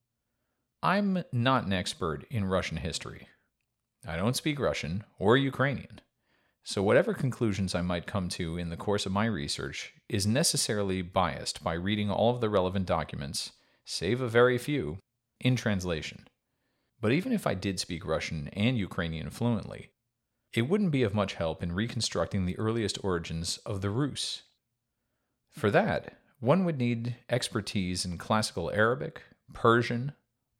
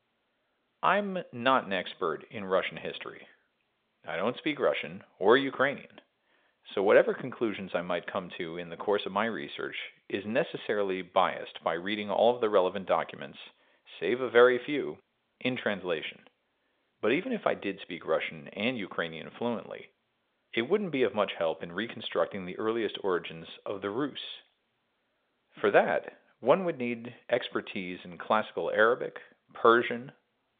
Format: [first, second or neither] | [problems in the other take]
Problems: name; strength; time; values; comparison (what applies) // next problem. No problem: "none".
first | phone-call audio; nothing above 3.5 kHz